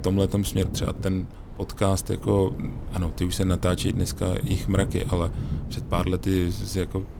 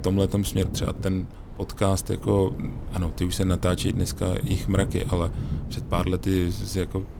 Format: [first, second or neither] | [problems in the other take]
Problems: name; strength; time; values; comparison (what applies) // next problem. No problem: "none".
neither | wind noise on the microphone; occasional gusts; 15 dB below the speech; the same in both